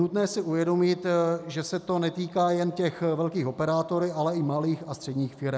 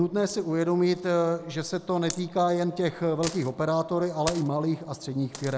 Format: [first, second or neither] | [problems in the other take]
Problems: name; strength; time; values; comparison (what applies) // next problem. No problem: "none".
first | background sound (Coin (dropping)); 17 dB below the speech